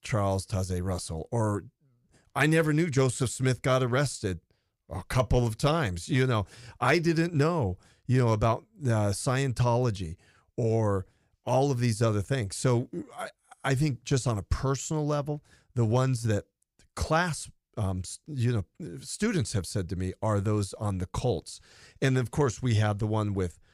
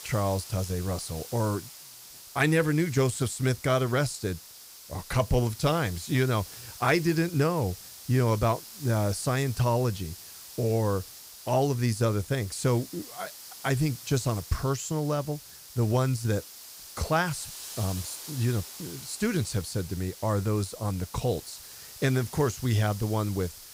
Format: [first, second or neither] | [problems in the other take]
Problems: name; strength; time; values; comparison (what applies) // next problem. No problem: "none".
first | hiss; noticeable; throughout; 15 dB below the speech